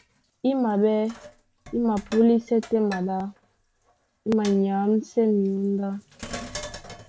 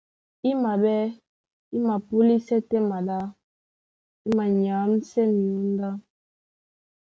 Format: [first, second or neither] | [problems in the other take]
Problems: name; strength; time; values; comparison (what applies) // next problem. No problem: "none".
second | background sound (Sink (filling or washing)); 18 dB below the speech